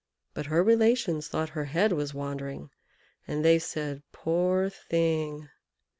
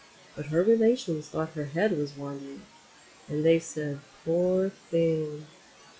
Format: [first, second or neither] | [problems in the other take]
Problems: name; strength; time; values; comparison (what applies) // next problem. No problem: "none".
first | noise reduction (classical method log-MMSE)